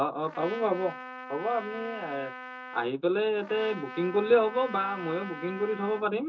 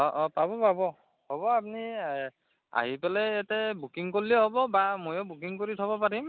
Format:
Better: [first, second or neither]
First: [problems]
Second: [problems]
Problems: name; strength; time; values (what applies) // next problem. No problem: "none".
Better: second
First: background sound (Trumpet); 13 dB below the speech // room echo; dies away in 0.2 s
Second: none